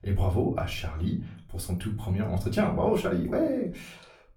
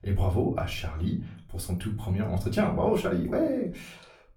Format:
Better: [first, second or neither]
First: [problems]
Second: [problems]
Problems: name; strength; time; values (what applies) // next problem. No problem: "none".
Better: neither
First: off-mic speech; far // room echo; very slight; dies away in 0.3 s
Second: off-mic speech; far // room echo; very slight; dies away in 0.3 s